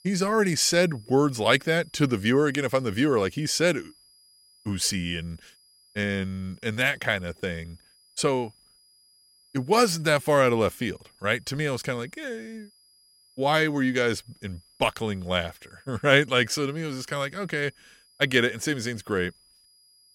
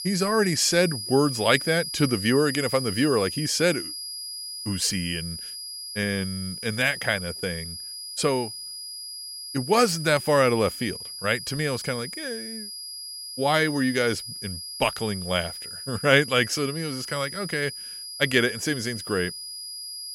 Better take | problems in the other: first | high-pitched whine; loud; throughout; 5 kHz, 9 dB below the speech; faint in the first

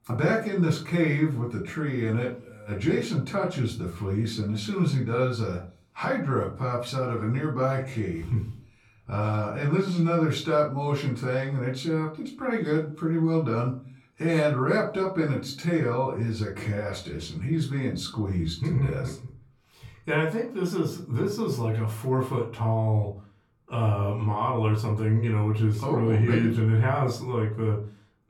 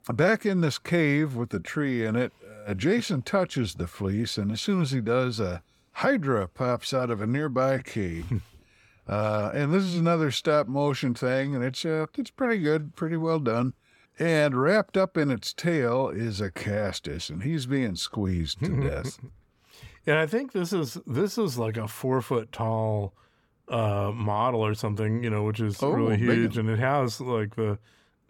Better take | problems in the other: second | off-mic speech; far // room echo; slight; dies away in 0.3 s

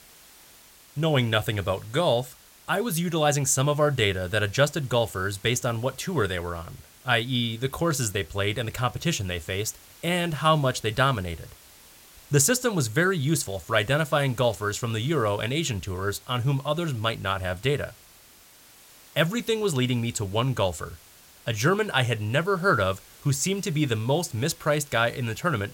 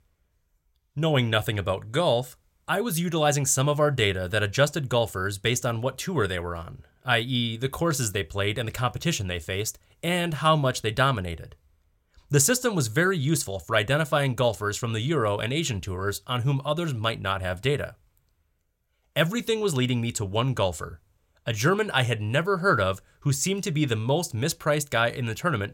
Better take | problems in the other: second | hiss; faint; throughout; 25 dB below the speech

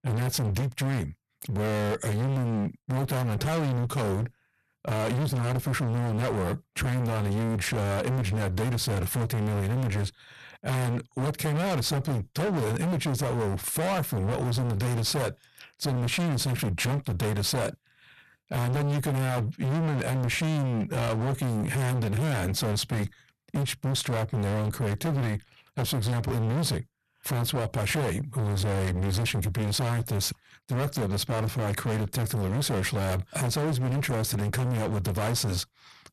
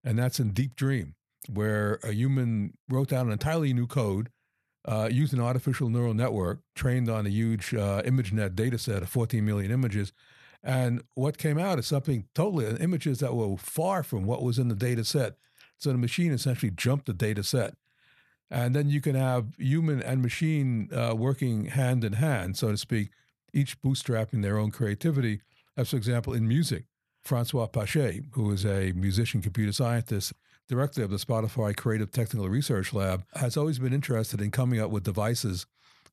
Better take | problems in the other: second | distortion; heavy; 40% of the sound clipped

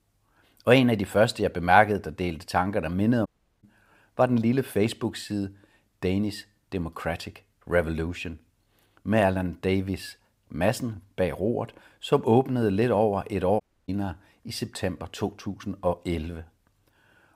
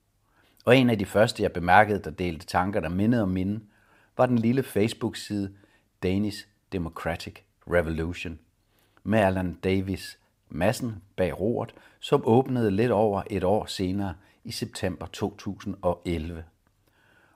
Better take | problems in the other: second | audio cutting out; at 3.5 s and at 14 s

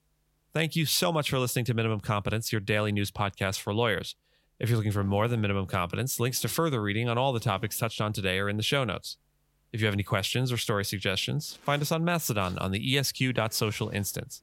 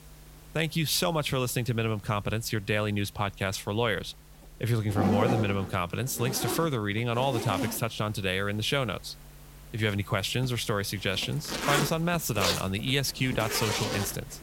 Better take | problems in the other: first | household noises; loud; throughout; 4 dB below the speech; faint in the first

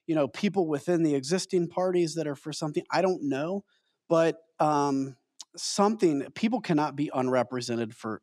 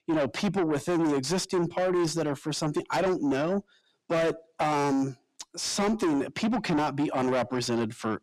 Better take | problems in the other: first | distortion; heavy; 6 dB below the speech

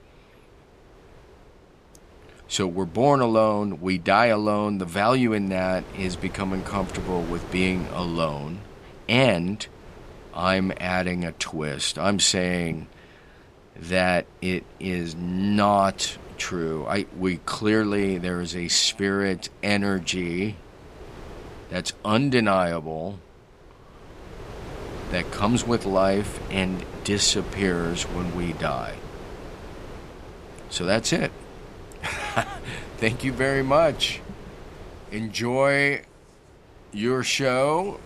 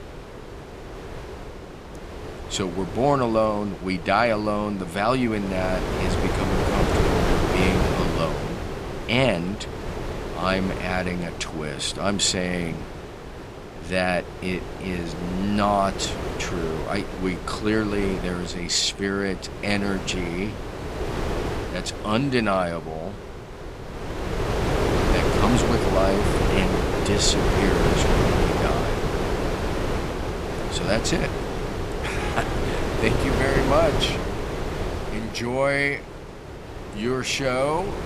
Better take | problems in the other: first | wind noise on the microphone; heavy; 3 dB below the speech; occasional gusts in the first

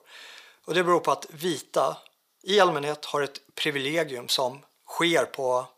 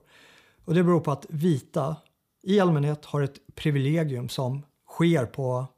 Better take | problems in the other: second | thin; very; fading below 550 Hz

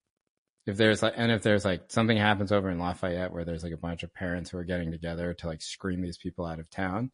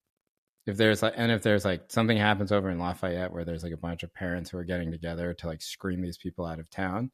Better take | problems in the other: second | garbled, watery; slightly; nothing above 10.5 kHz

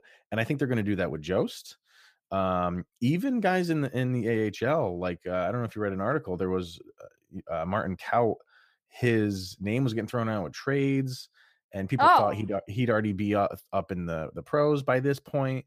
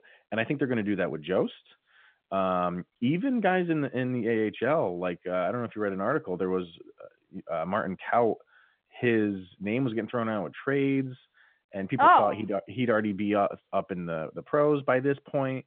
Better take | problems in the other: first | phone-call audio

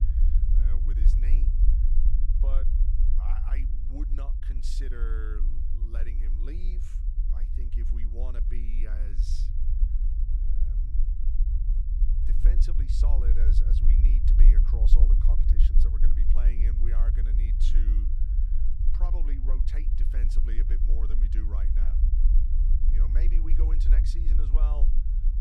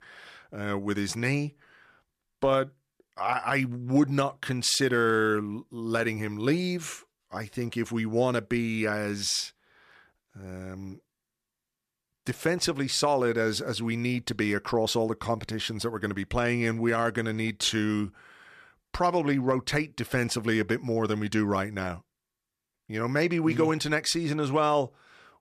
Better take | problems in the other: second | low rumble; loud; throughout; 1 dB below the speech

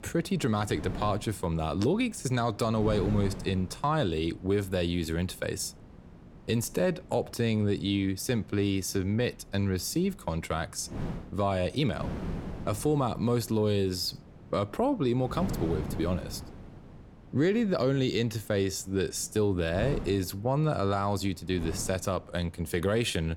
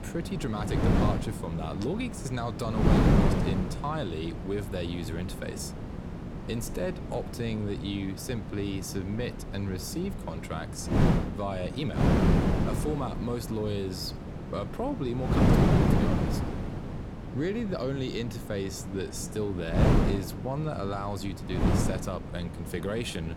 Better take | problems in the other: first | wind noise on the microphone; heavy; as loud as the speech; occasional gusts in the first

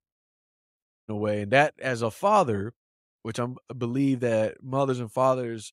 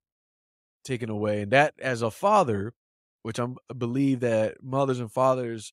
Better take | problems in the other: second | audio cutting out; at 1 s

